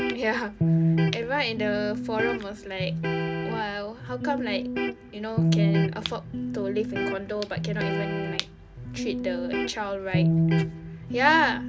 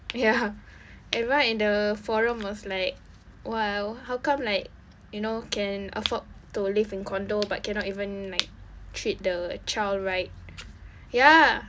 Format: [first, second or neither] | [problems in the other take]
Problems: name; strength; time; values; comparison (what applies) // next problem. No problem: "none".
second | background sound (Electric guitar); 3 dB above the speech